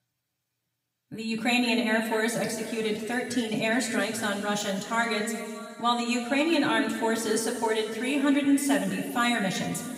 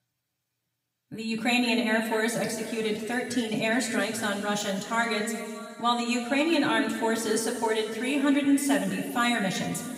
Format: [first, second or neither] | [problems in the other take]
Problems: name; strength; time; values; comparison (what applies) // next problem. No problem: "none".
neither | room echo; noticeable; dies away in 2.3 s; the same in both // off-mic speech; far; the same in both